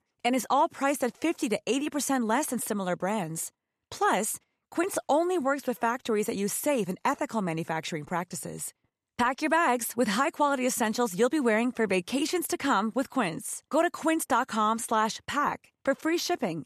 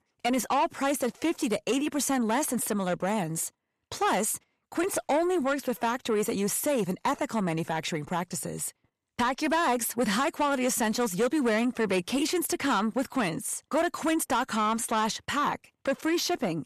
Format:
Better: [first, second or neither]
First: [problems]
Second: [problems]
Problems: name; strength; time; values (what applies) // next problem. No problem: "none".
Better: first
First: none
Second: distortion; slight; 10 dB below the speech